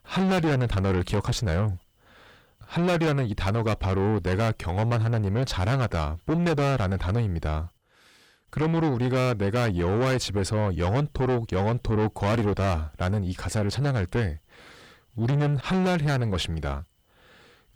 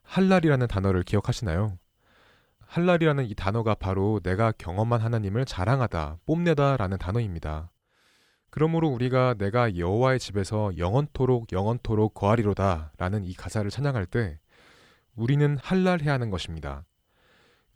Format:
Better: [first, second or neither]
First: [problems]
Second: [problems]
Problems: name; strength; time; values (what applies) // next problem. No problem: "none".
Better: second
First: distortion; heavy; 7 dB below the speech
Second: none